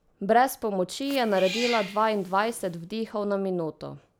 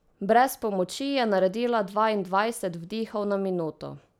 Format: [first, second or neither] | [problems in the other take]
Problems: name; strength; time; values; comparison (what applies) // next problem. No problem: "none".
second | background sound (Cat); 13 dB below the speech